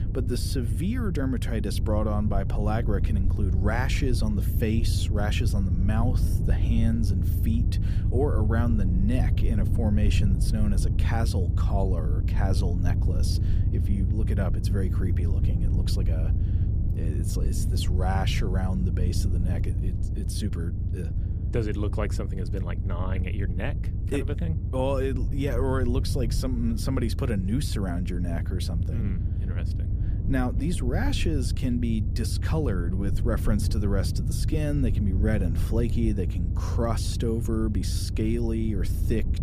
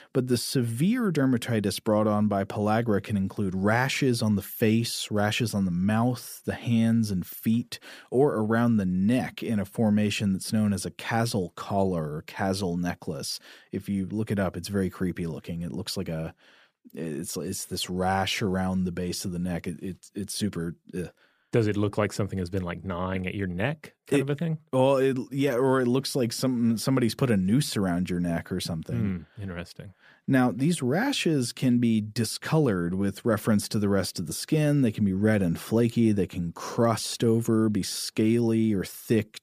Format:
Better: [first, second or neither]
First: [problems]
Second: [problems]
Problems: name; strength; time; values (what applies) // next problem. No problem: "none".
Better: second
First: low rumble; loud; throughout; 8 dB below the speech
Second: none